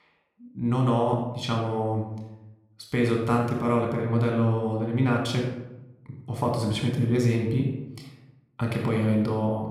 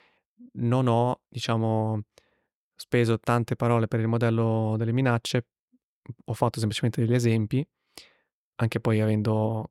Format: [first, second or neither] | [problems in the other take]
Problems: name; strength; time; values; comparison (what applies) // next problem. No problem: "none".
second | off-mic speech; somewhat distant // room echo; noticeable; dies away in 0.7 s